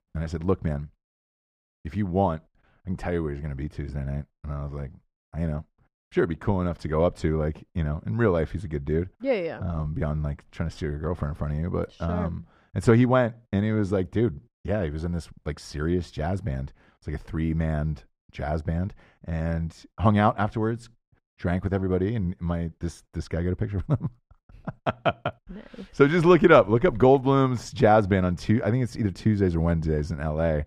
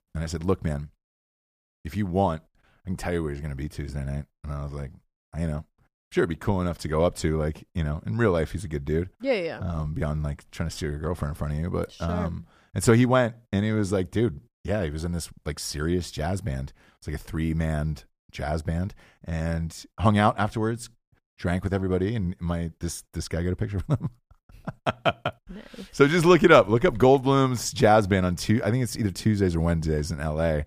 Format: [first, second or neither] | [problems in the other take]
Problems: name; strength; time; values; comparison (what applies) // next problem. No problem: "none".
second | muffled; slightly; fading above 2 kHz